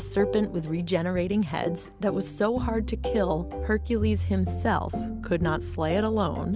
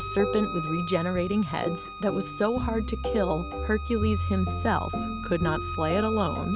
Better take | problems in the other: first | background sound (Bowed string instrument); 11 dB below the speech

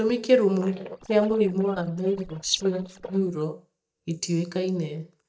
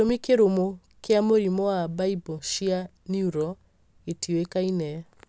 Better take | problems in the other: second | noise reduction (neural mask model DeepFilterNet 3)

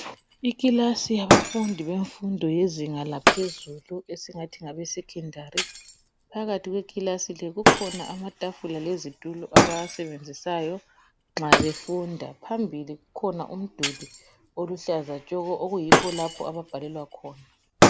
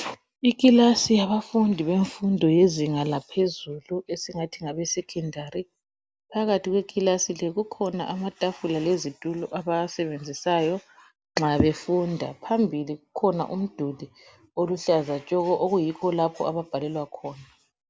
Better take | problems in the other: second | background sound (Shatter); 2 dB above the speech

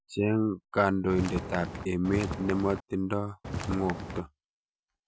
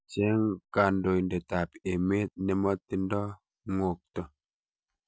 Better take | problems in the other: second | background sound (Walk, footsteps); 6 dB below the speech

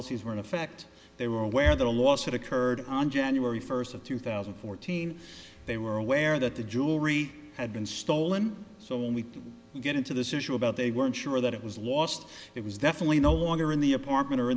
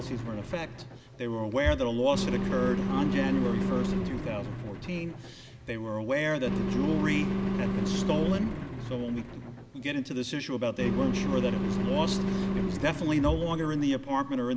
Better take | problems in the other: first | background sound (Engine); 1 dB below the speech

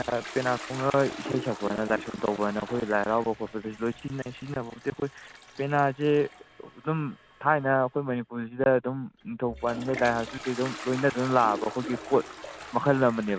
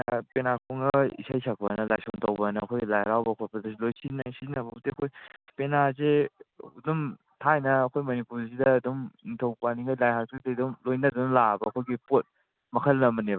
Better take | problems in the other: second | background sound (Toilet flush); 14 dB below the speech

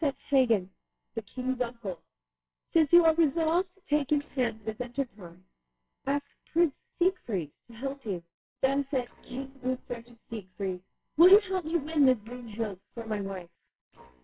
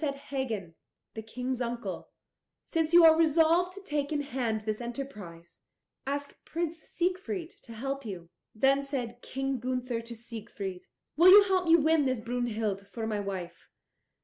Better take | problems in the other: second | noise reduction (neural separator model SepFormer WHAMR!)

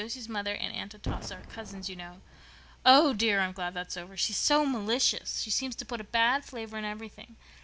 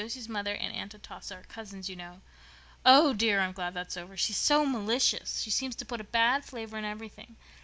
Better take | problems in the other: second | background sound (Boom); 13 dB below the speech

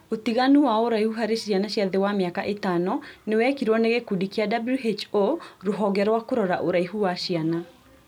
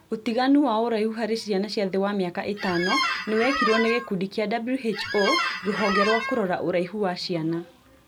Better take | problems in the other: first | background sound (Squeak); 2 dB below the speech

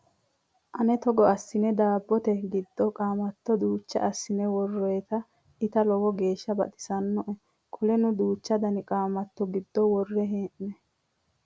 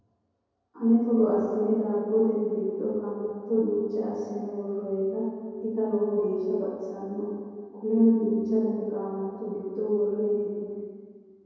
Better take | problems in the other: first | room echo; dies away in 2.2 s

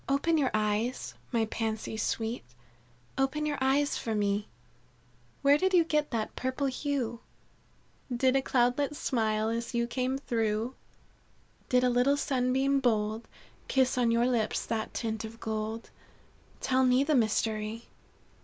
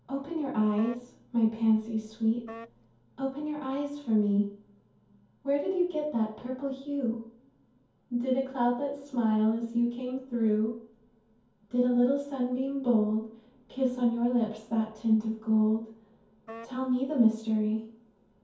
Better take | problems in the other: first | background sound (Wind instrument, woodwind instrument); 18 dB below the speech // room echo; dies away in 0.6 s

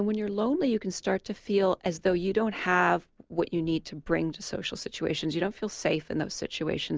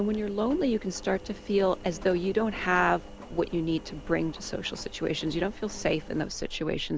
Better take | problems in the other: first | background sound (Engine); 14 dB below the speech

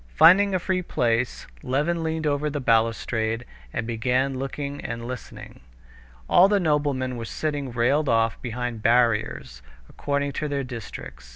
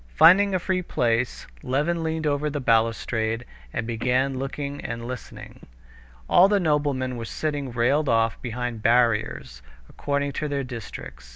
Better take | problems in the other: first | background sound (Telephone); 19 dB below the speech

